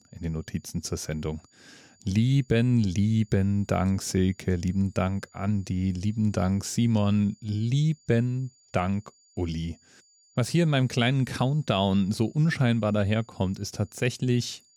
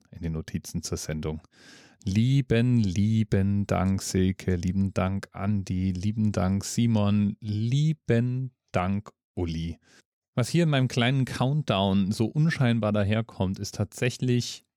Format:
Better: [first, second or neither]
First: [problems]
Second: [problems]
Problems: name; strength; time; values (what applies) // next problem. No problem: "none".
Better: second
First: high-pitched whine; faint; throughout; 7 kHz, 30 dB below the speech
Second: none